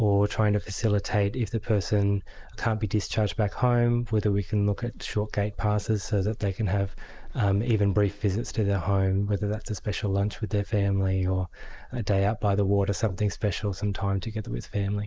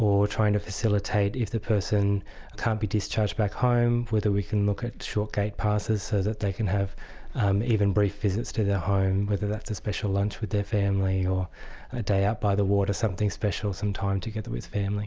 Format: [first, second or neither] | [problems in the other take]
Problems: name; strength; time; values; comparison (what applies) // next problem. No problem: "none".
second | noise reduction (neural mask model Resemble Enhance denoiser)